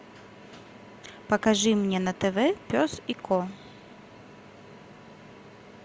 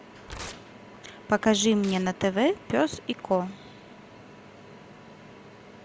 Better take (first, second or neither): first